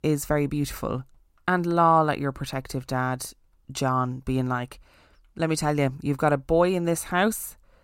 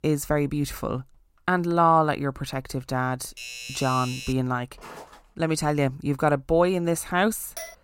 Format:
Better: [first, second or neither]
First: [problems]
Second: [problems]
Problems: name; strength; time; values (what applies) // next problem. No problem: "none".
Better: first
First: none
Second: doorbell; noticeable; from 3.5 to 4.5 s; peak 9 dB below the speech // footsteps; faint; at 5 s; peak 20 dB below the speech // clattering dishes; faint; at 7.5 s; peak 15 dB below the speech